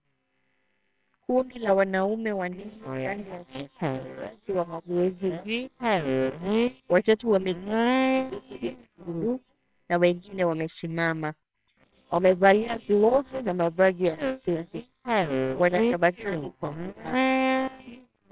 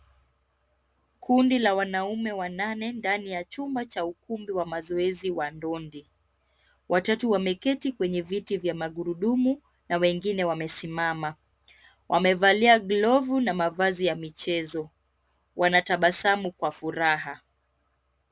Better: second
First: noise reduction (neural separator model SepFormer WHAMR!)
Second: none

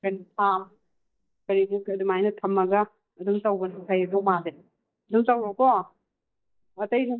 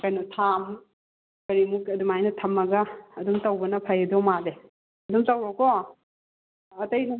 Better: second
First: noise reduction (neural mask model DeepFilterNet 3)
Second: none

